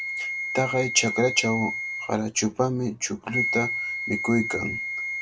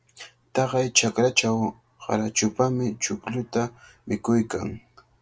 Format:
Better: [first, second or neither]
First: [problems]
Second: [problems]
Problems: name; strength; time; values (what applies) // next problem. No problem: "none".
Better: second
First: background sound (Wind instrument, woodwind instrument); 4 dB below the speech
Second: none